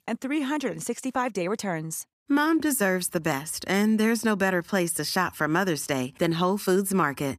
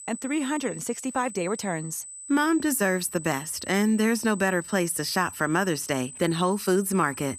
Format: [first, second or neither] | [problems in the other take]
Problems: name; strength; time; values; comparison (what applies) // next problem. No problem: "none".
first | high-pitched whine; noticeable; throughout; 8 kHz, 15 dB below the speech